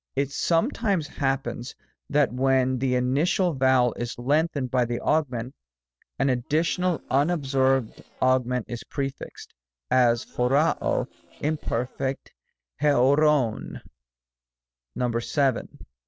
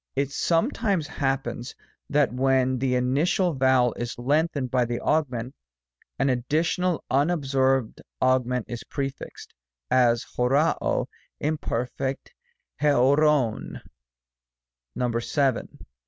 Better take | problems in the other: second | noise reduction (neural separator model SepFormer DNS4)

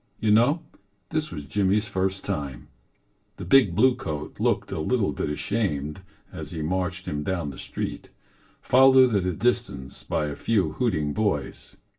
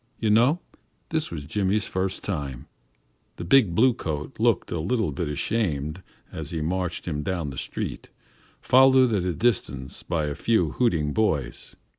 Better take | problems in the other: second | room echo; dies away in 0.2 s

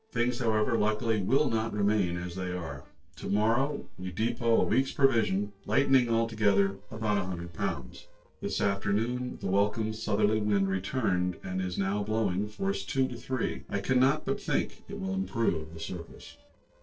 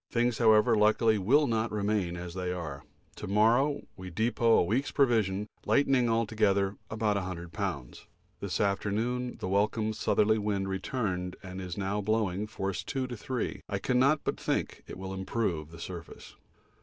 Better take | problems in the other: second | noise reduction (neural separator model SepFormer DNS4)

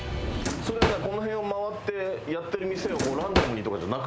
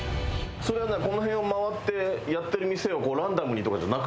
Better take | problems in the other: second | background sound (Drawer open or close); as loud as the speech

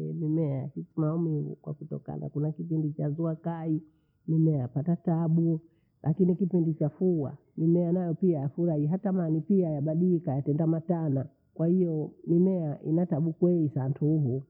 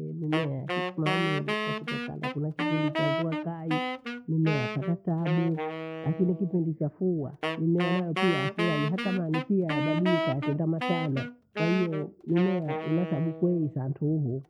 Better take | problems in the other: first | background sound (Wind instrument, woodwind instrument); 4 dB below the speech

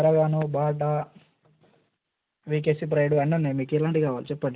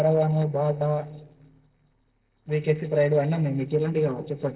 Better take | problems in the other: first | noise reduction (neural separator model SepFormer DNS4)

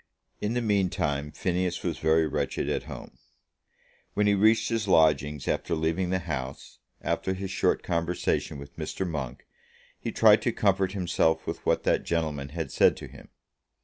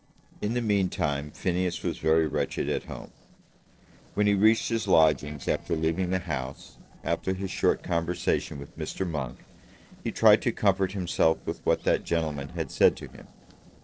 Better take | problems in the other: first | noise reduction (neural separator model SepFormer DNS4)

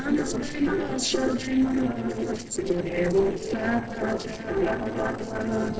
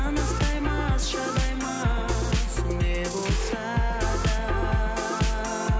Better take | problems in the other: second | noise reduction (neural separator model SepFormer DNS4)

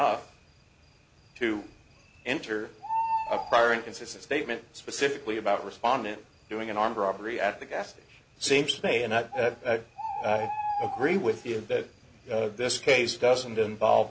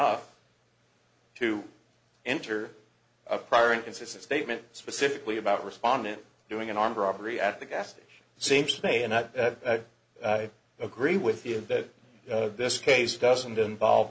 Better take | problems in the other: second | background sound (Bird); 11 dB below the speech

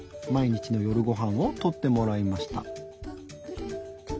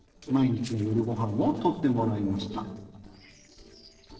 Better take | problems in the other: first | noise reduction (neural separator model SepFormer DNS4)

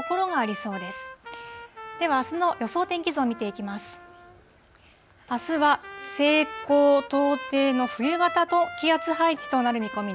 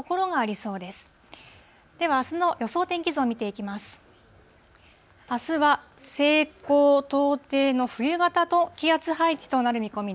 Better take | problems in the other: second | background sound (Trumpet); 13 dB below the speech

